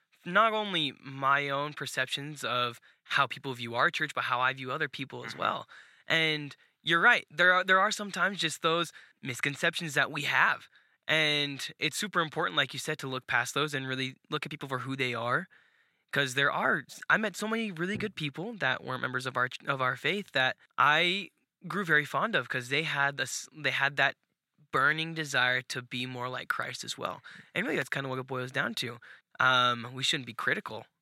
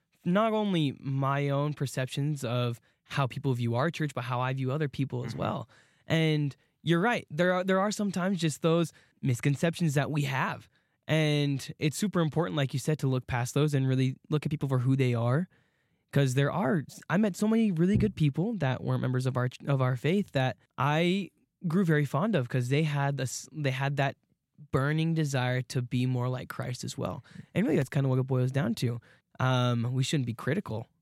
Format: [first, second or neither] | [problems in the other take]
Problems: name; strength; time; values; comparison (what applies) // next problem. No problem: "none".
second | thin; very; fading below 600 Hz